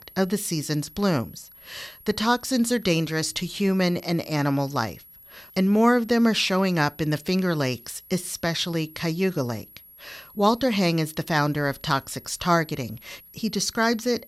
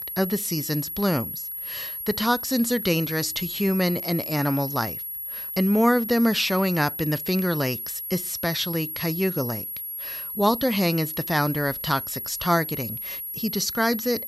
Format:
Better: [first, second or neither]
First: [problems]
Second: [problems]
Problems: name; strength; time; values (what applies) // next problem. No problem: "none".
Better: first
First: high-pitched whine; faint; throughout; 11.5 kHz, 20 dB below the speech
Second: high-pitched whine; loud; throughout; 11.5 kHz, 6 dB below the speech